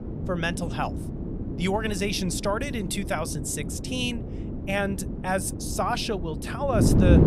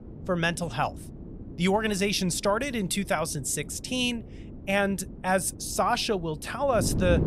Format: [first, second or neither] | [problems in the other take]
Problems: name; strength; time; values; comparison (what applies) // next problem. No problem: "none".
second | wind noise on the microphone; heavy; 8 dB below the speech; occasional gusts in the second